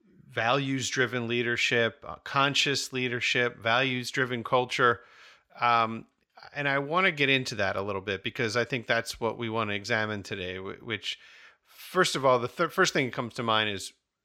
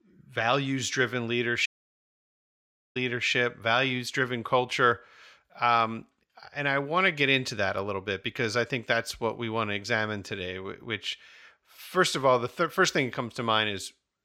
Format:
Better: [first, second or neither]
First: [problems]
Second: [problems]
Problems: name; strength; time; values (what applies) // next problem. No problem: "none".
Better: first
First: none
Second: audio cutting out; at 1.5 s for 1.5 s